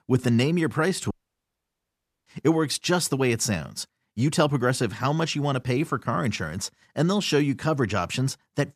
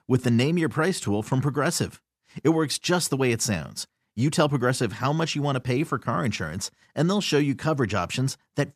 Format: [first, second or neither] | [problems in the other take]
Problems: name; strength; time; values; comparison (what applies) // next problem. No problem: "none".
second | audio cutting out; at 1 s for 1 s